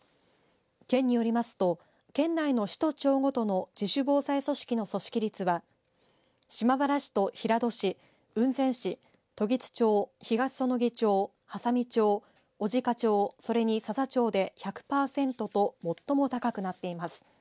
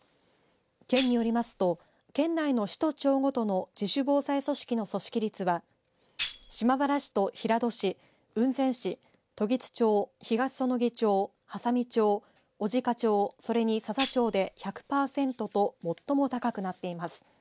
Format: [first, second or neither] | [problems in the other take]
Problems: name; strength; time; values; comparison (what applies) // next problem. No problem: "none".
first | background sound (Tambourine); 12 dB below the speech